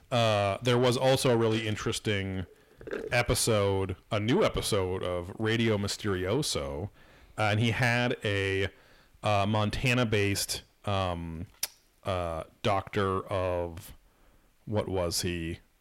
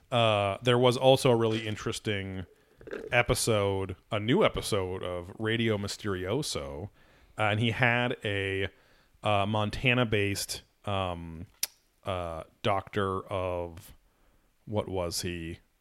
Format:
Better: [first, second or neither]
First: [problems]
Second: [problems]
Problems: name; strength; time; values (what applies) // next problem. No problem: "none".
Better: second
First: distortion; slight; 10 dB below the speech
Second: none